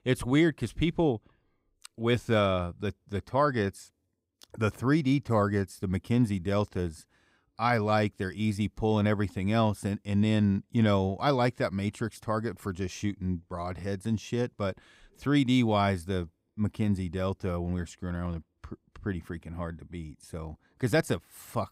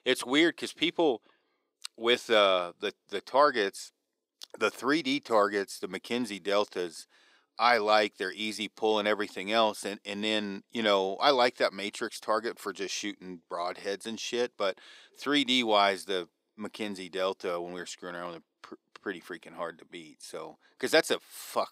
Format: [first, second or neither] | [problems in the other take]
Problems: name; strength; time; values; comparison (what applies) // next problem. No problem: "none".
first | thin; somewhat; fading below 350 Hz